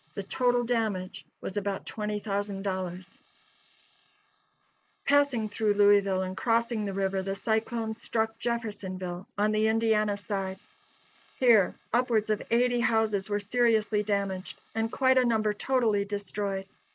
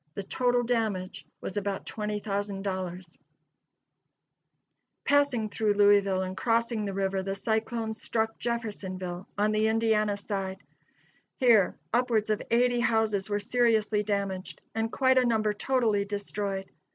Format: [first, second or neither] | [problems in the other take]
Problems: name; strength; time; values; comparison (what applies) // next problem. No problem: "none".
second | noise reduction (neural mask model Resemble Enhance denoiser)